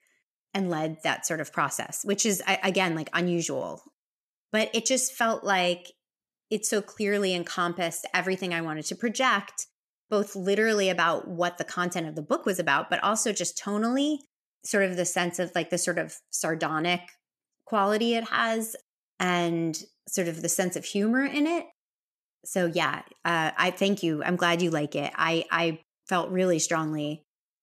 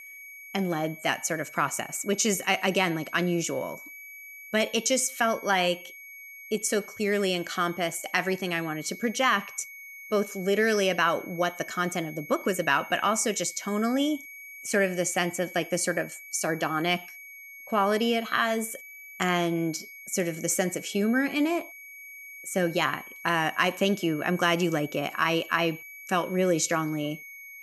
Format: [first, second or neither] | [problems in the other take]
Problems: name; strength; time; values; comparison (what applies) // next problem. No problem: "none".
first | high-pitched whine; noticeable; throughout; 2.5 kHz, 15 dB below the speech